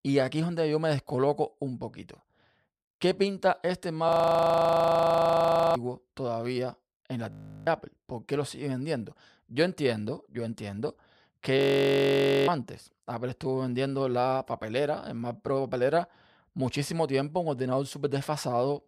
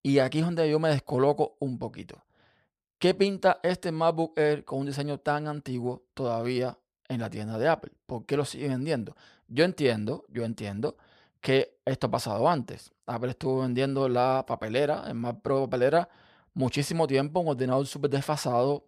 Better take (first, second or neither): second